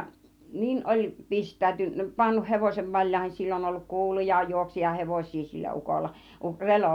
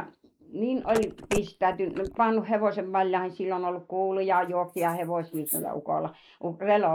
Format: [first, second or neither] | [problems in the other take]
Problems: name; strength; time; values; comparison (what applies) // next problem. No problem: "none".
first | noise reduction (neural mask model Resemble Enhance denoiser)